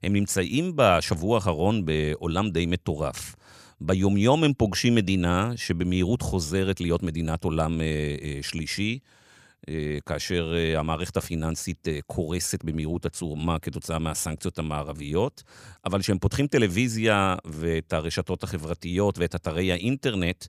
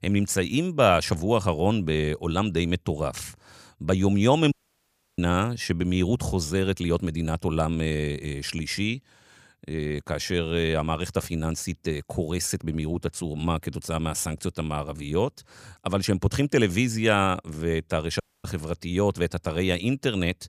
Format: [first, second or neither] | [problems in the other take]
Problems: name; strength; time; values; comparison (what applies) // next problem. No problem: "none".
first | audio cutting out; at 4.5 s for 0.5 s and at 18 s